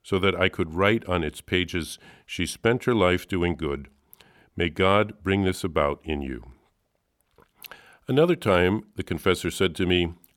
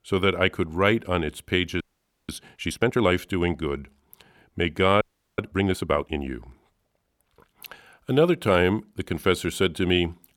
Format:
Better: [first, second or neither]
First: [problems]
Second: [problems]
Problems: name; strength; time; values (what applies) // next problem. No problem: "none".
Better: first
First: none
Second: audio freezing; at 2 s and at 5 s